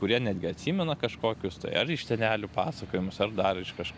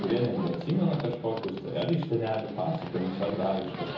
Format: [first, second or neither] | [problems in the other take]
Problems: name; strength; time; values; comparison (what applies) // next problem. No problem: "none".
first | background sound (Livestock, farm animals, working animals); 12 dB below the speech // room echo; dies away in 0.7 s